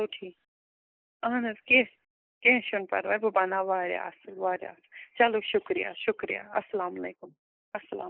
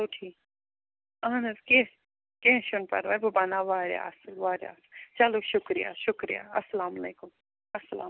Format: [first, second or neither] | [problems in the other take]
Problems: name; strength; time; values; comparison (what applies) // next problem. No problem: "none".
second | noise reduction (neural mask model Resemble Enhance denoiser)